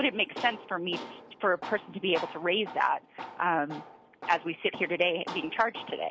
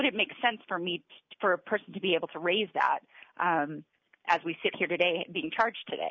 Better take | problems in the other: second | background sound (Tools); 14 dB below the speech

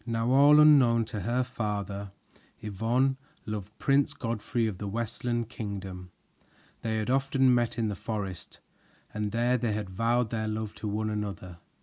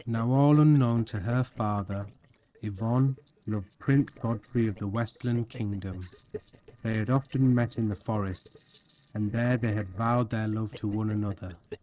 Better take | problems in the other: first | noise reduction (neural separator model SepFormer DNS4)

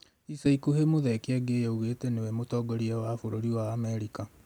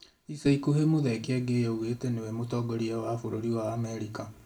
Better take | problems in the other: first | room echo; dies away in 0.3 s

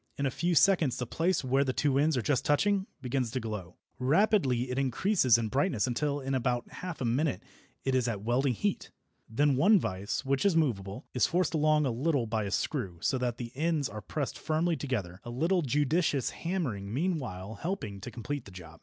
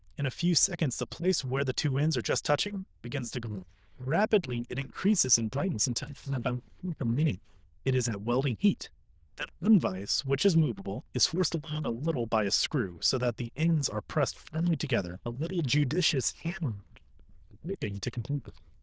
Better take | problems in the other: first | noise reduction (neural diffusion model UNIVERSE++)

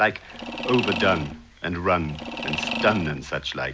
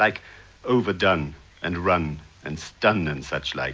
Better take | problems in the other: second | background sound (Mechanisms); 7 dB below the speech

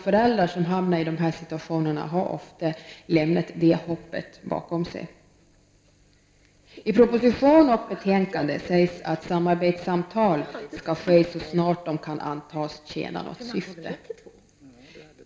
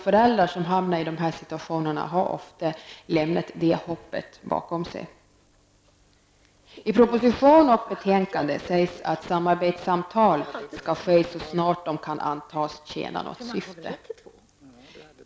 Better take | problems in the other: second | background sound (Percussion); 17 dB below the speech // room echo; dies away in 0.8 s

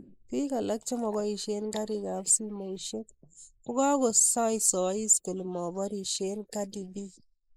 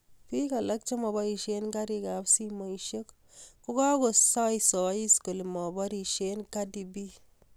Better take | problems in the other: second | noise reduction (neural mask model Resemble Enhance denoiser)

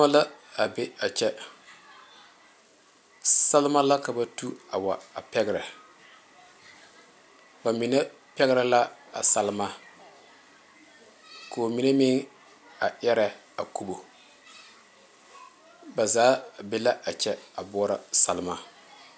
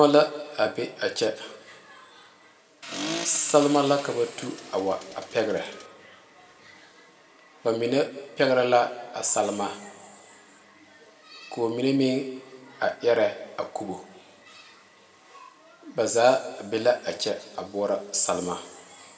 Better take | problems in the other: first | background sound (Accelerating, revving, vroom); 10 dB below the speech // room echo; dies away in 1.6 s

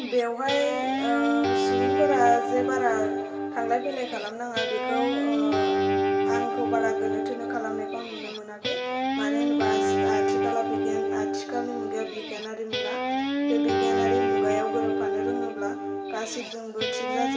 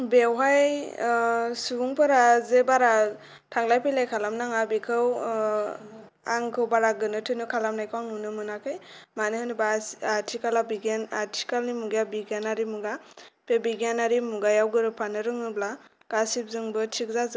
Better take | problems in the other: second | background sound (Guitar); 4 dB above the speech // room echo; dies away in 2 s

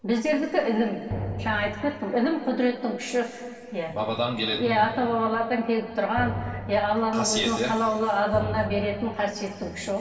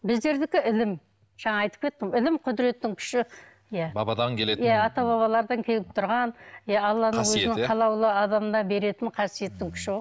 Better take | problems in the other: second | background sound (Drum); 10 dB below the speech // room echo; dies away in 2.4 s

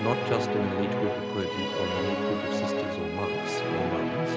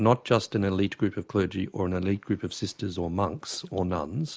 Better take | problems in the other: second | background sound (Musical instrument); 4 dB above the speech

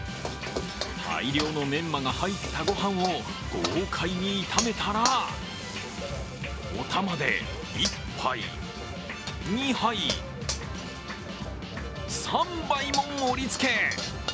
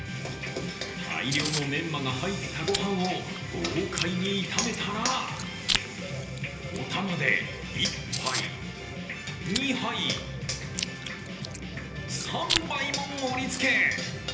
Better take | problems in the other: first | background sound (Chewing, mastication); 8 dB below the speech // room echo; dies away in 1.4 s

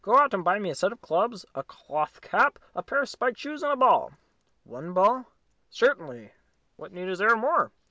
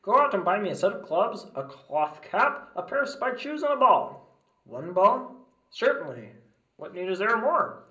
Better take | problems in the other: first | room echo; dies away in 0.5 s

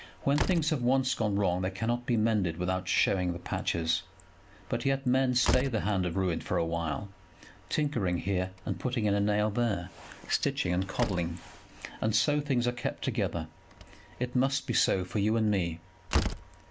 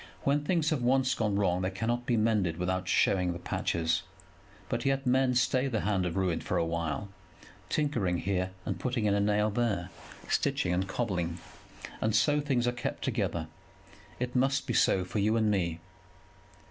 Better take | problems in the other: second | background sound (Slam); 11 dB below the speech

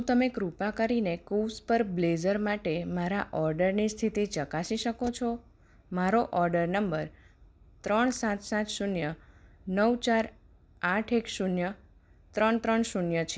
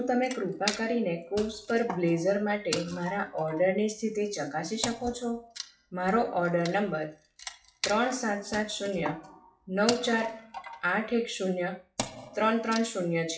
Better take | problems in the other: first | noise reduction (classical method WPE with log-MMSE)

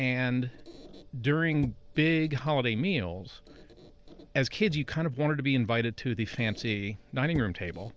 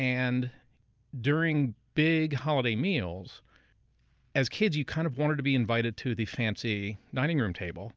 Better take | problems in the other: second | background sound (Squeak); 18 dB below the speech

